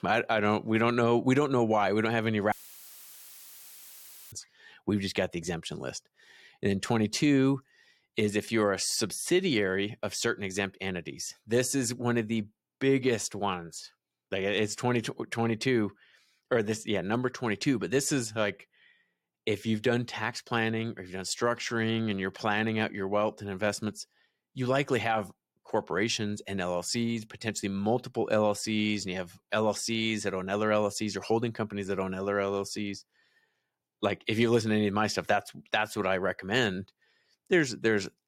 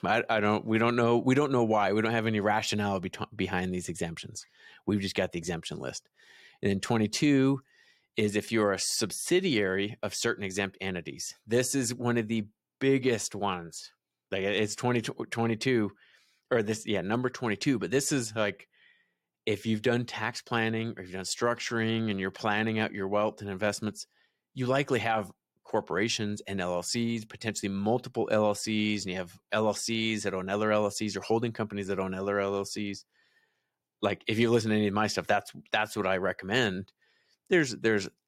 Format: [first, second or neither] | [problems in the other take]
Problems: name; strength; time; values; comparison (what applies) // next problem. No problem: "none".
second | audio cutting out; filled with static; at 2.5 s for 2 s